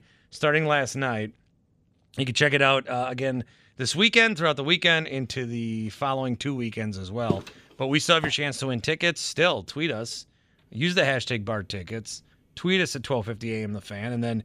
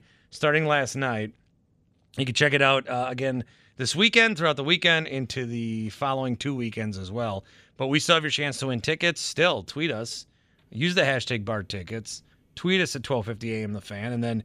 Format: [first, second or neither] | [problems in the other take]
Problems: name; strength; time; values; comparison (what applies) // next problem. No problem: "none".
second | footsteps; noticeable; at 7.5 s; peak 7 dB below the speech